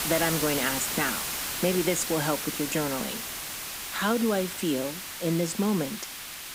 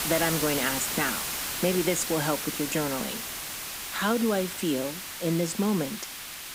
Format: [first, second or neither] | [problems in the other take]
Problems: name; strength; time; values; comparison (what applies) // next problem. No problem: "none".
neither | hiss; loud; throughout; 3 dB below the speech; the same in both